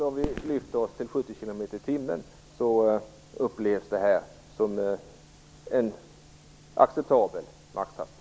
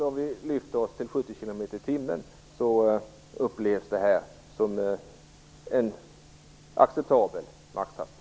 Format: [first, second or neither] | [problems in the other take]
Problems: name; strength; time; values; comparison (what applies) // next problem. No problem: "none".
second | background sound (Fireworks); 13 dB below the speech